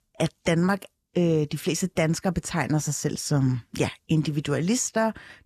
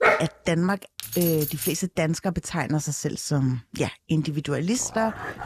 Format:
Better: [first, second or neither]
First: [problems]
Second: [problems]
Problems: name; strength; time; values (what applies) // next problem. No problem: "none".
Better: first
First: none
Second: dog barking; loud; at the start; peak 5 dB above the speech // jangling keys; noticeable; at 1 s; peak 2 dB below the speech // dog barking; noticeable; at 4.5 s; peak 8 dB below the speech